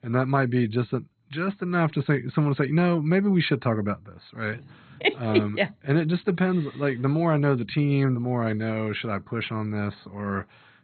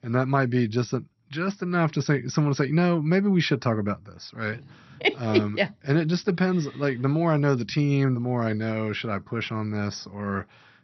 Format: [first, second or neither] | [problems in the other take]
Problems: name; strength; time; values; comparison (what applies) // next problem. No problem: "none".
second | garbled, watery; badly; nothing above 4 kHz; slightly in the second